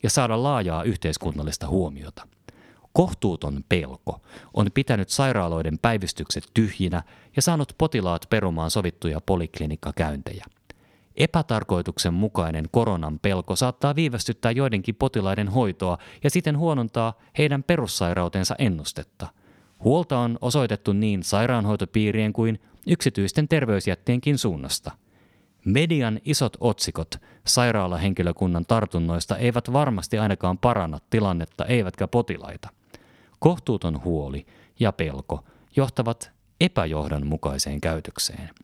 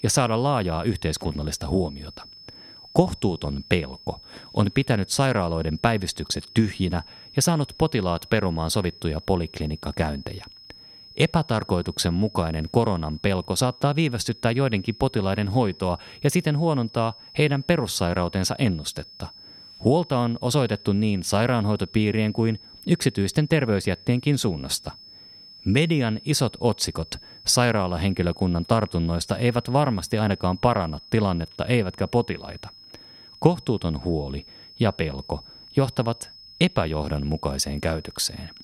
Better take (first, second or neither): first